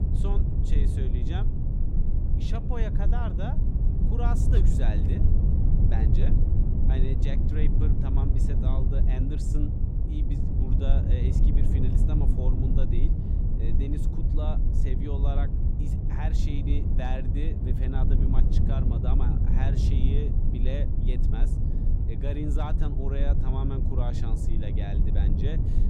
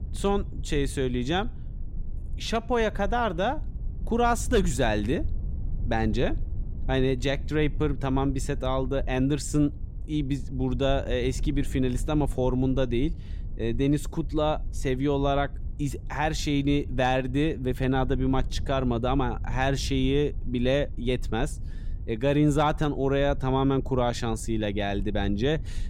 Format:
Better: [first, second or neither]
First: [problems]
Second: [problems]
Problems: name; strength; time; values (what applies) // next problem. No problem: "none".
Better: second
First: low rumble; loud; throughout; as loud as the speech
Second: low rumble; faint; throughout; 25 dB below the speech